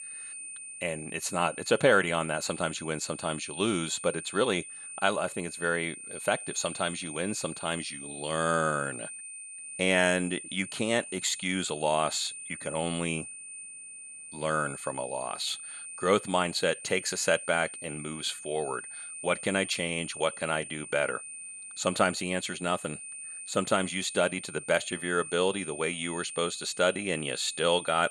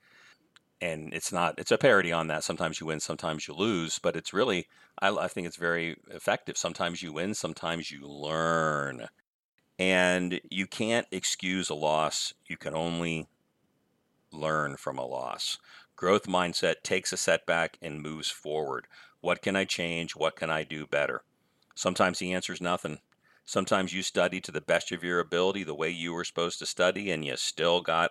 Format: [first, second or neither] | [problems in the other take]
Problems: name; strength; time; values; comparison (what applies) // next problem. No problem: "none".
second | high-pitched whine; loud; throughout; 9 kHz, 10 dB below the speech